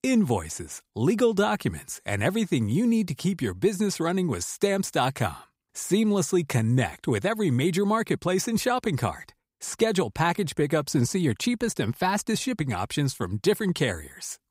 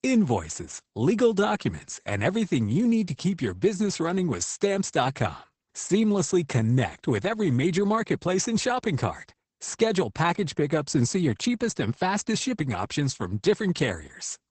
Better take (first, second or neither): first